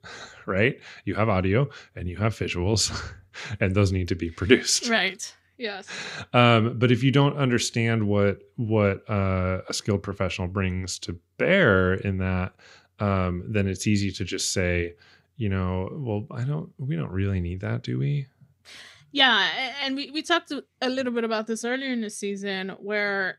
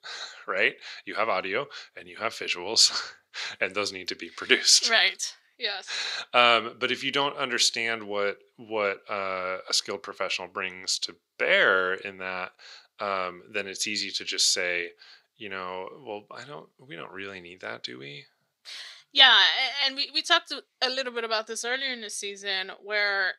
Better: first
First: none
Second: thin; very; fading below 600 Hz

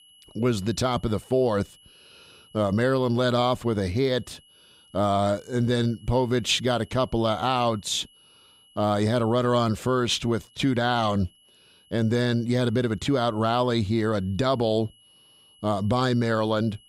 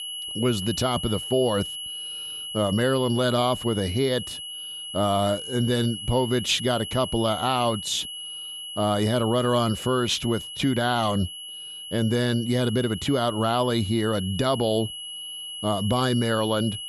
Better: first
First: high-pitched whine; faint; throughout; 3 kHz, 30 dB below the speech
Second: high-pitched whine; loud; throughout; 3 kHz, 8 dB below the speech

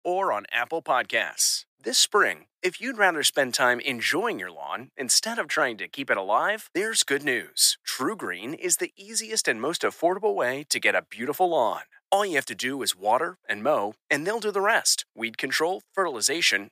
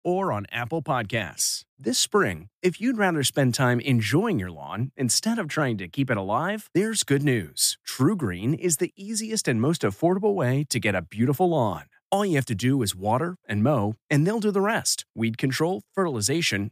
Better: second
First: thin; very; fading below 550 Hz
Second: none

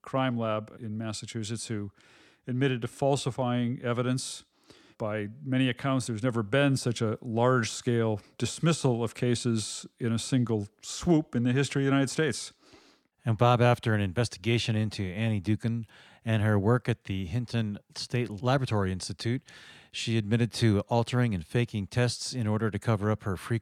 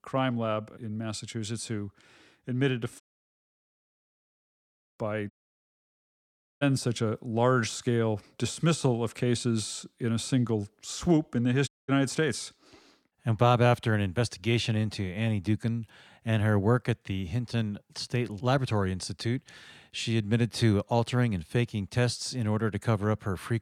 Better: first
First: none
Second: audio cutting out; at 3 s for 2 s, at 5.5 s for 1.5 s and at 12 s

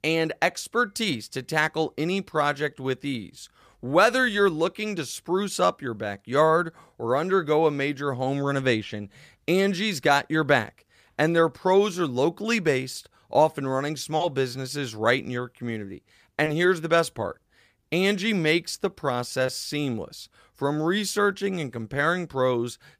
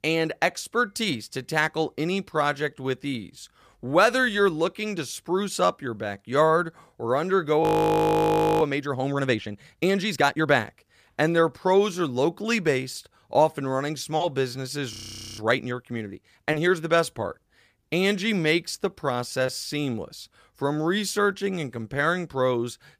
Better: first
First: none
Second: audio freezing; at 7.5 s for 1 s and at 15 s

